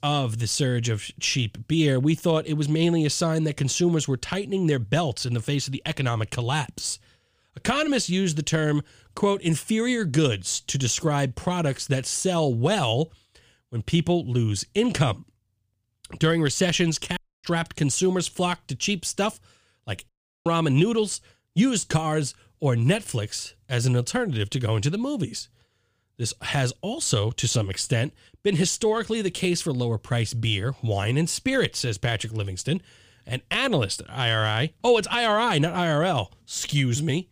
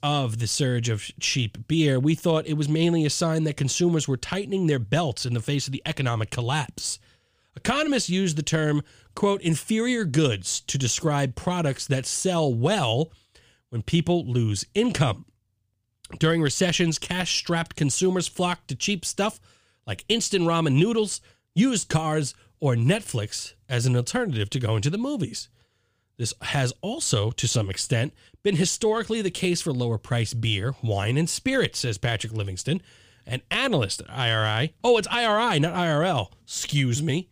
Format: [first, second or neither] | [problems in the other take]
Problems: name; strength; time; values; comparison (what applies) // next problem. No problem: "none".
second | audio cutting out; at 17 s and at 20 s